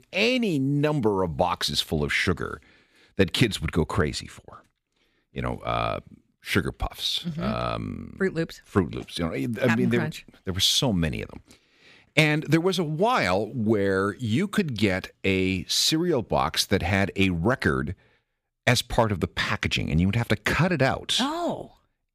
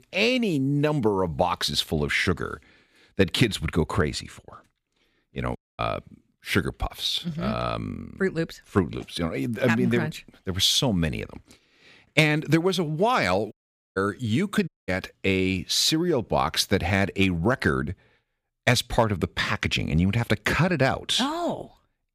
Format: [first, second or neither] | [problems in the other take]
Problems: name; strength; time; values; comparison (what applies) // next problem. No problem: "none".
first | audio cutting out; at 5.5 s, at 14 s and at 15 s